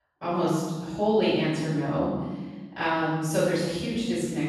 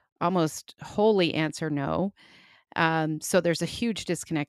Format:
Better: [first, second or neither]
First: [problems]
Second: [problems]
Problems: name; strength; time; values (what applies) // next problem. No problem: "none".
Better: second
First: room echo; strong; dies away in 1.2 s // off-mic speech; far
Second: none